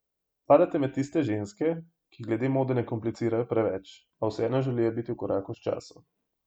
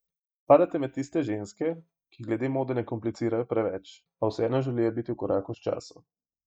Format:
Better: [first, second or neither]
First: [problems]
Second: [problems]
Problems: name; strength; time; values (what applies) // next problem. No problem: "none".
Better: first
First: none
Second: noise reduction (neural mask model DeepFilterNet 3)